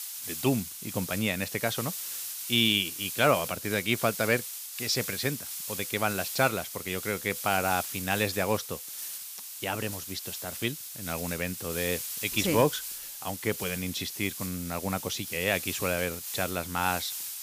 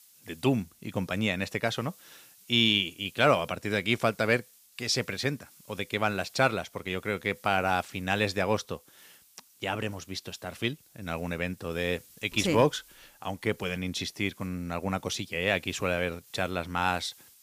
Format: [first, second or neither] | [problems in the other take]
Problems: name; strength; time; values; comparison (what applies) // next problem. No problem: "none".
second | hiss; loud; throughout; 6 dB below the speech; faint in the second